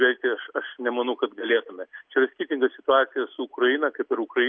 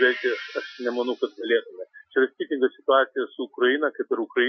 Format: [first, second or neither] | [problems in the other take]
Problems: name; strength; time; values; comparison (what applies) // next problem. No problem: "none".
first | noise reduction (classical method Wiener filter)